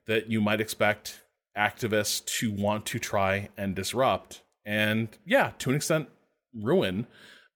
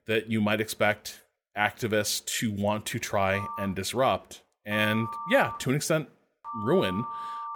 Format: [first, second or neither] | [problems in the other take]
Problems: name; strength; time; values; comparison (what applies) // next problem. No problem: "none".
first | phone ringing; noticeable; from 3.5 s on; peak 8 dB below the speech